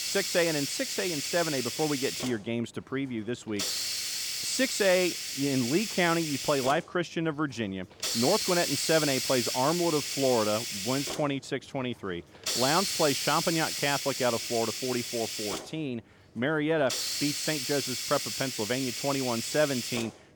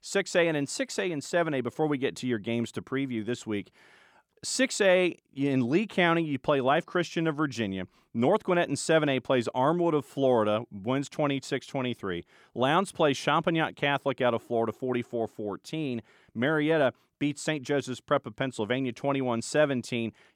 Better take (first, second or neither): second